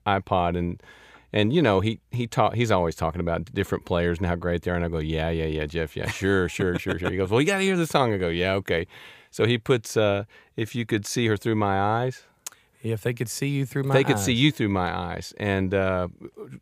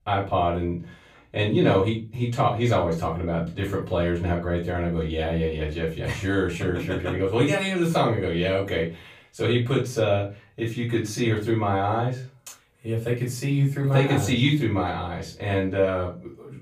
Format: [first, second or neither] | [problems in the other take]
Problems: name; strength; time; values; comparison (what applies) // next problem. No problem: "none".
first | off-mic speech; far // room echo; slight; dies away in 0.3 s